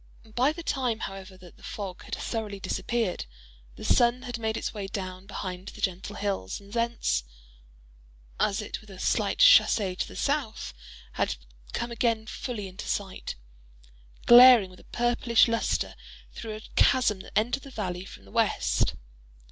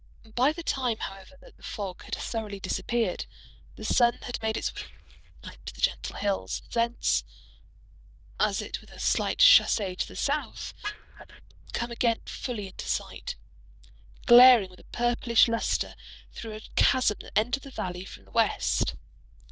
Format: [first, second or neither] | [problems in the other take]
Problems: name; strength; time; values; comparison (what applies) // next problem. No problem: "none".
first | noise reduction (neural diffusion model UNIVERSE++)